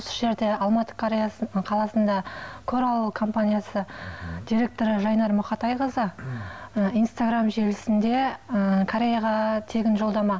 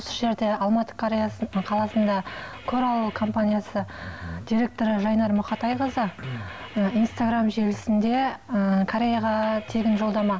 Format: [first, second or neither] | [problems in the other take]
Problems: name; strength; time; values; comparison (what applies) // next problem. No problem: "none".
first | background sound (Drum kit); 19 dB below the speech